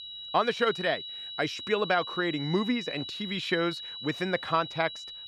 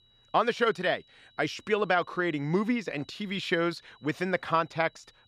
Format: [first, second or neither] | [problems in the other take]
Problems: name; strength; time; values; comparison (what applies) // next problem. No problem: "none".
second | high-pitched whine; loud; throughout; 4 kHz, 8 dB below the speech; faint in the second